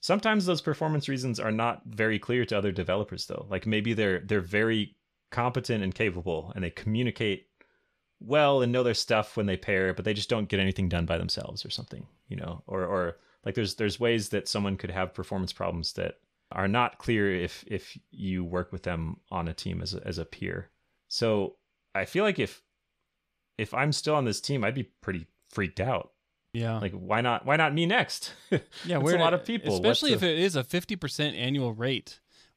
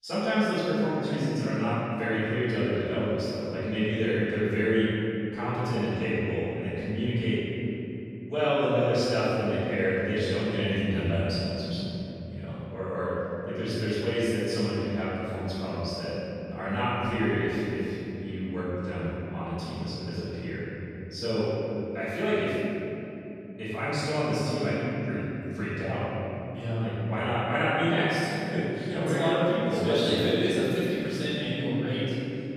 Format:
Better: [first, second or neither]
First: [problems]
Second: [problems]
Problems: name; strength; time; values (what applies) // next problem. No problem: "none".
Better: first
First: none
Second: room echo; strong; dies away in 3 s // off-mic speech; far